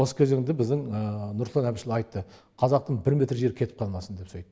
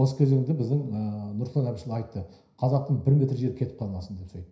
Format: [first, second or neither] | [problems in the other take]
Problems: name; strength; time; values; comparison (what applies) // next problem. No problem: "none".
first | room echo; dies away in 0.5 s